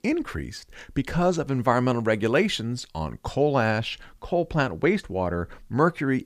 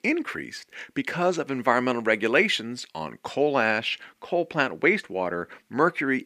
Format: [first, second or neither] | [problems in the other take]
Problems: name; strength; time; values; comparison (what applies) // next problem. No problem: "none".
first | thin; very slightly; fading below 300 Hz